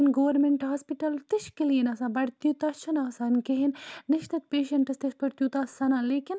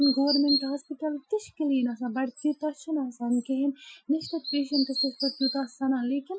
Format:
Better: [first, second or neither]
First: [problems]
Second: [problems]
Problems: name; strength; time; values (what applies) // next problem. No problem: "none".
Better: first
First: none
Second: noise reduction (classical method Wiener filter)